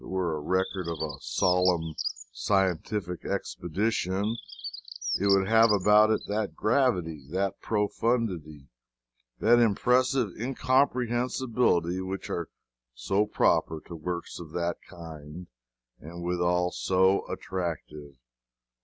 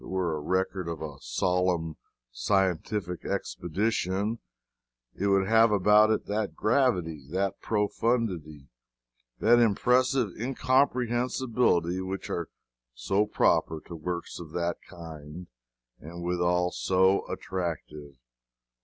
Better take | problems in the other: second | background sound (Bird); 11 dB below the speech

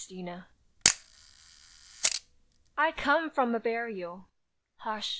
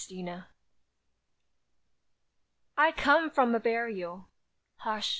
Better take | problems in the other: second | background sound (Camera); as loud as the speech

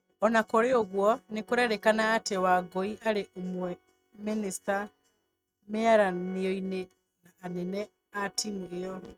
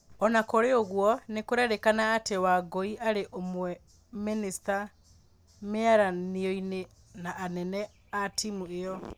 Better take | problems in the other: second | noise reduction (neural mask model RNNoise)

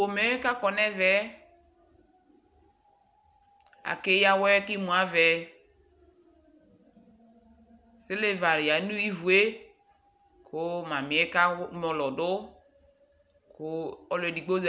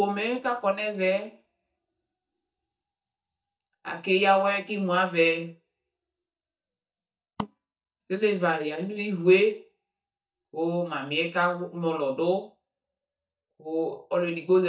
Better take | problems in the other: first | noise reduction (neural mask model DeepFilterNet 3)

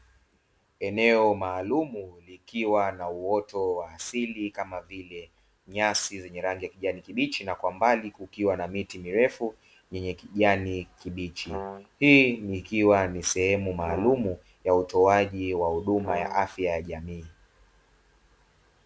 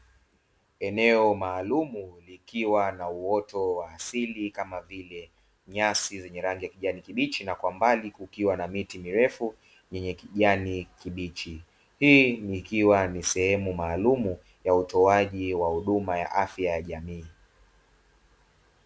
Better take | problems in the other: second | background sound (Brass instrument); 11 dB below the speech

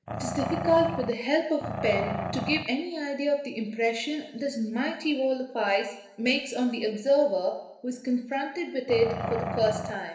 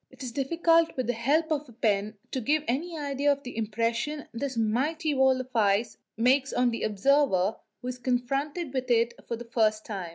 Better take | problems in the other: second | background sound (Growling); 5 dB below the speech // room echo; dies away in 0.8 s

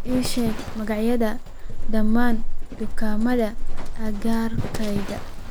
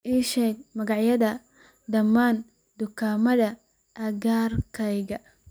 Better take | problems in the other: second | background sound (Livestock, farm animals, working animals); 5 dB above the speech

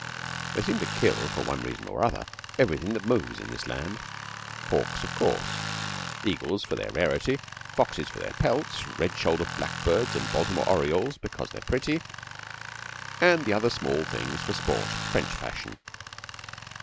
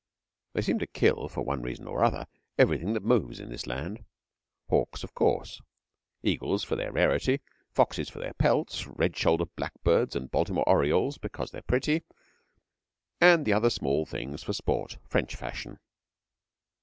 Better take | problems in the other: second | background sound (Tools); 7 dB below the speech

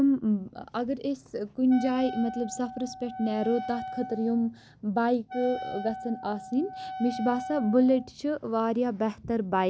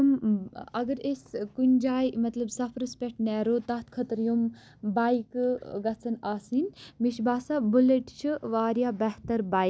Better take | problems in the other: second | background sound (Wind instrument, woodwind instrument); 11 dB below the speech

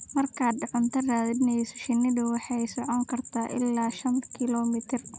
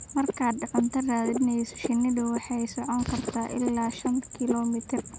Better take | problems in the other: first | background sound (Frog); 10 dB below the speech

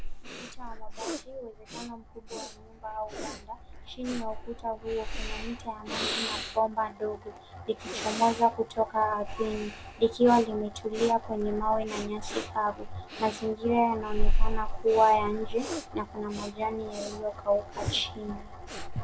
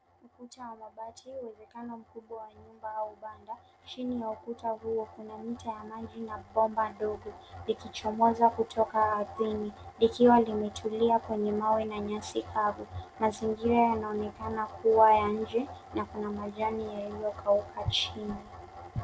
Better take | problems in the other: second | background sound (Breathing); 2 dB below the speech

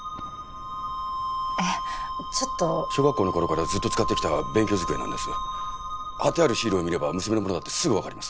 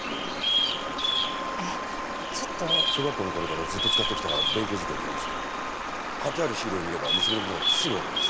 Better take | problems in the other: first | background sound (Bird vocalization, bird call, bird song); 4 dB above the speech

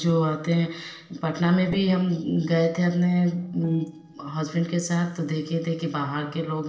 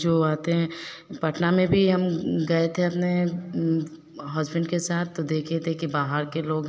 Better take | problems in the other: second | noise reduction (neural separator model SepFormer DNS4)

